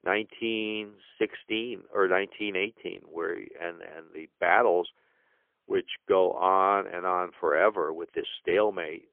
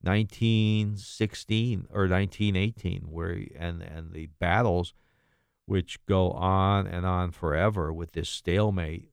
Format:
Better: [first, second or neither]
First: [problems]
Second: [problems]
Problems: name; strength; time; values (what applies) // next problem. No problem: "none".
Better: second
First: phone-call audio; poor line; nothing above 3.5 kHz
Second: none